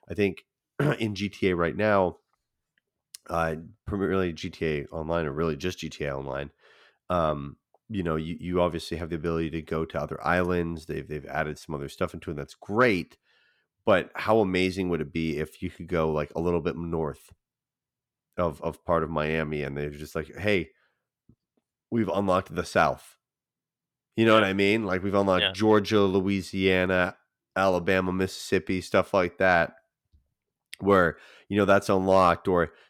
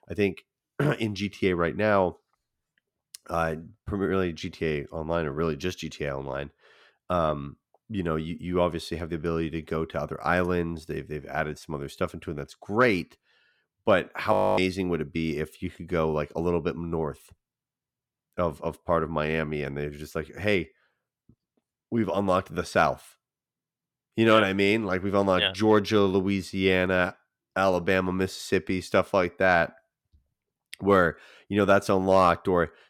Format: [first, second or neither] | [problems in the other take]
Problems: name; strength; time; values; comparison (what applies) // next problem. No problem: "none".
first | audio freezing; at 14 s